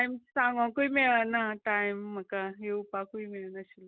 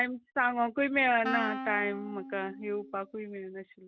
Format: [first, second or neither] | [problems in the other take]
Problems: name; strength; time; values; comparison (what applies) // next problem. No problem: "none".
first | background sound (Wind instrument, woodwind instrument); 9 dB below the speech